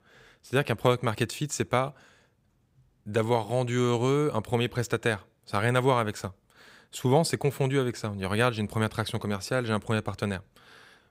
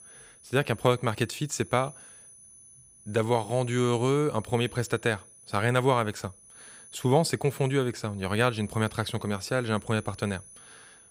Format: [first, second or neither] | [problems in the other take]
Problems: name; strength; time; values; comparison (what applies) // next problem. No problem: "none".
first | high-pitched whine; faint; throughout; 10 kHz, 20 dB below the speech